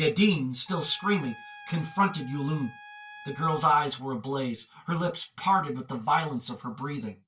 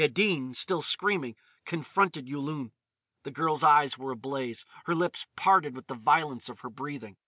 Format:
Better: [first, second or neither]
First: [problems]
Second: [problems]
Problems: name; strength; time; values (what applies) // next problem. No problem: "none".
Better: second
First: background sound (Trumpet); 19 dB below the speech // room echo; dies away in 0.2 s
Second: none